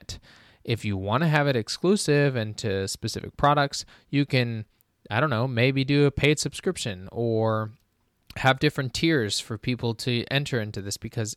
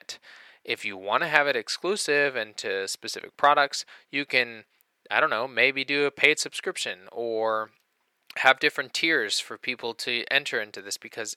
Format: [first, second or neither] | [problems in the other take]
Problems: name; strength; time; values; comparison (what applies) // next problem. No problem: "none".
first | thin; very; fading below 550 Hz